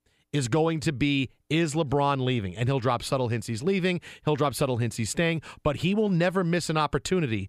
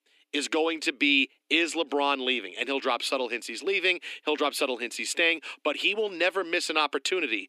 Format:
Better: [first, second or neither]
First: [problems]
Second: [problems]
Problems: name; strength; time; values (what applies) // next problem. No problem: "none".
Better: first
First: none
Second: thin; somewhat; fading below 250 Hz